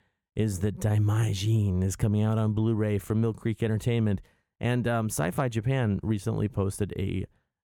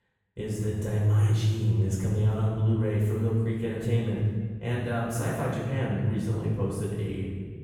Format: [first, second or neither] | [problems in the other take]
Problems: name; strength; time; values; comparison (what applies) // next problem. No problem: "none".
first | room echo; strong; dies away in 1.6 s // off-mic speech; far